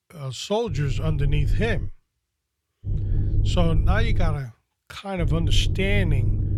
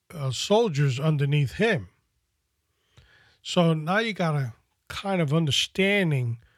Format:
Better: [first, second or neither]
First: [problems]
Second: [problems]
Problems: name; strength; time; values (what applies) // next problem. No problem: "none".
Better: second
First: low rumble; noticeable; from 0.5 to 2 s, from 3 to 4.5 s and from 5 s on; 10 dB below the speech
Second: none